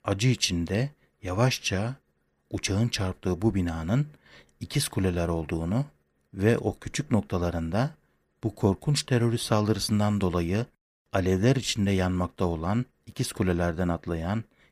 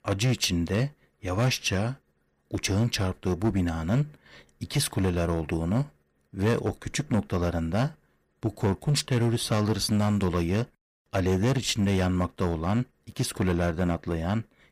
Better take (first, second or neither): first